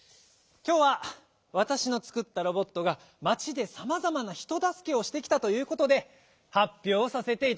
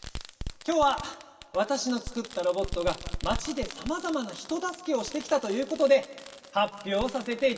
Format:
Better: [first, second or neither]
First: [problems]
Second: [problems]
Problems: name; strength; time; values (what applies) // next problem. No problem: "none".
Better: first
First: none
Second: background sound (Fireworks); 11 dB below the speech // room echo; dies away in 1.7 s